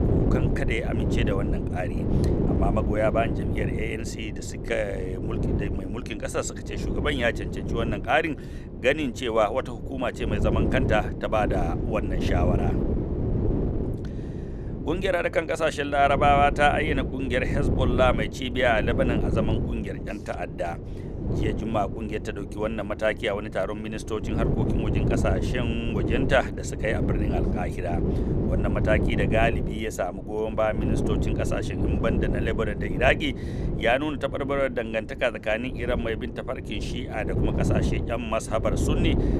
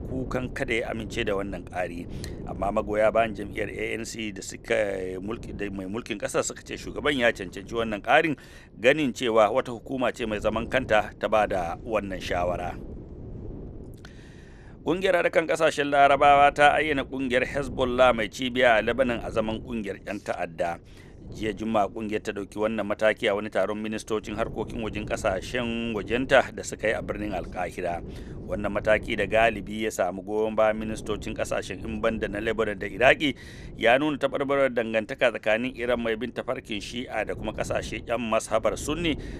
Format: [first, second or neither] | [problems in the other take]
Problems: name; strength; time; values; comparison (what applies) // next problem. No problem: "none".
second | wind noise on the microphone; heavy; 8 dB below the speech; occasional gusts in the second